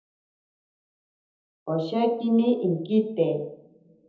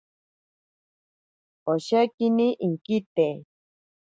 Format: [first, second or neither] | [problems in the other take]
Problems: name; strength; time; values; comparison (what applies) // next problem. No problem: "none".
second | room echo; dies away in 0.9 s